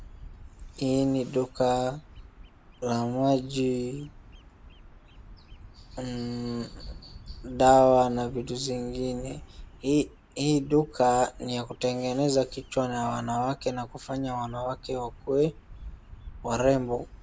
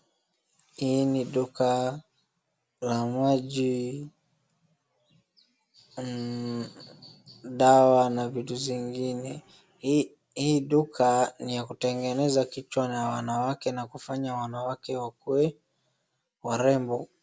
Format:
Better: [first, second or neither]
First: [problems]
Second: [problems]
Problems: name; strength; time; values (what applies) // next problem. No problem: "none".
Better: second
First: background sound (Bird vocalization, bird call, bird song); 18 dB below the speech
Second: none